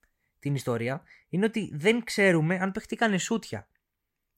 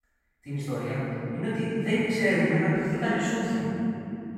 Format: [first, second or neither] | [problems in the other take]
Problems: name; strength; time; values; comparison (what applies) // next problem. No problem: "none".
first | off-mic speech; far // room echo; strong; dies away in 3 s